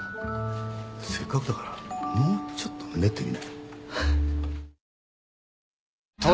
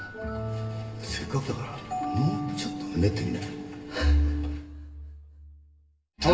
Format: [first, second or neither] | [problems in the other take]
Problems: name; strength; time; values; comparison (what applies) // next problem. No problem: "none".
first | room echo; dies away in 2.3 s